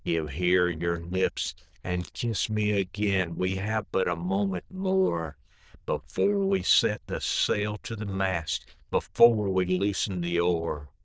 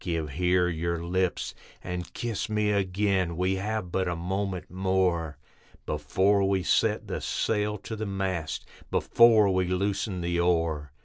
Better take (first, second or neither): second